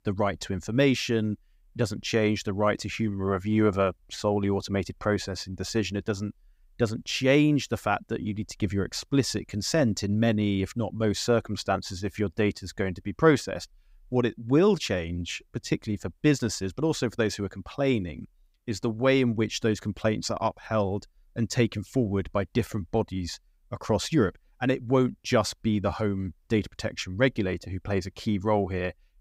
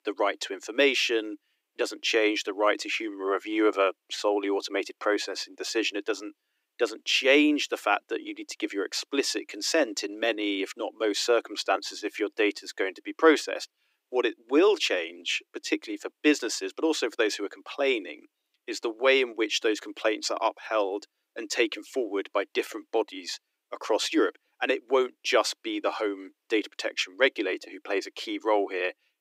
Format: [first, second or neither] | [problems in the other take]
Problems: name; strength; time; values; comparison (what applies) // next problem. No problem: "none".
first | thin; somewhat; fading below 300 Hz